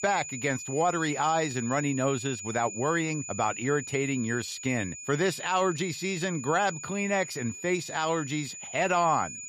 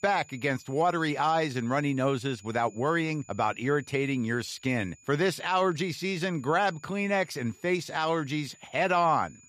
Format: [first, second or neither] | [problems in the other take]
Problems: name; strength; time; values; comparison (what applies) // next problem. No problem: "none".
second | high-pitched whine; loud; throughout; 7 kHz, 9 dB below the speech; faint in the second